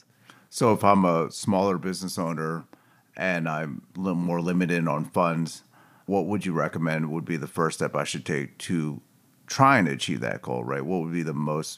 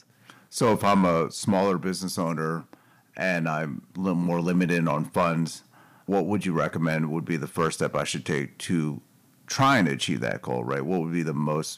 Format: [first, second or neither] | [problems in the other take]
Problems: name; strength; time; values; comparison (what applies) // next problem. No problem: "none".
first | distortion; slight; 1.8% of the sound clipped